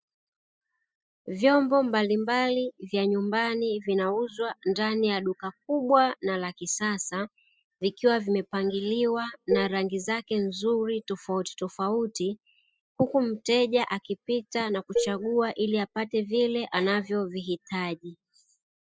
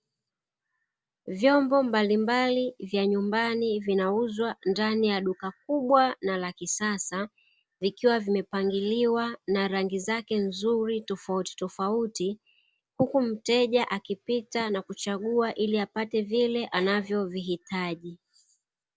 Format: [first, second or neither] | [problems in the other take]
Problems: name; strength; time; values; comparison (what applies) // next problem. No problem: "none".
second | noise reduction (classical method spectral subtraction)